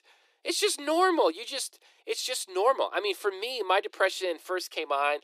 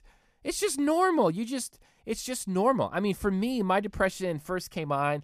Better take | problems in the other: second | thin; very; fading below 350 Hz

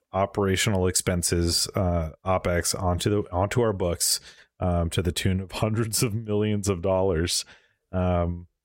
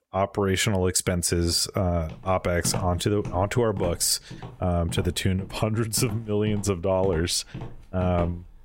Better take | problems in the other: first | footsteps; noticeable; from 2 s on; peak 7 dB below the speech

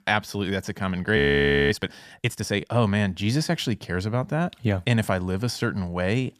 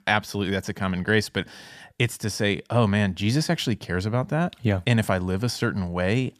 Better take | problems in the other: second | audio freezing; at 1 s for 0.5 s

